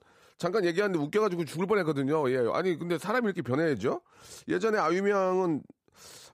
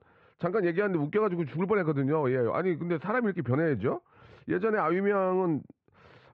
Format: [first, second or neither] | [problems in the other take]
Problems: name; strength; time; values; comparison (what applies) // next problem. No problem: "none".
first | muffled; very; fading above 2.5 kHz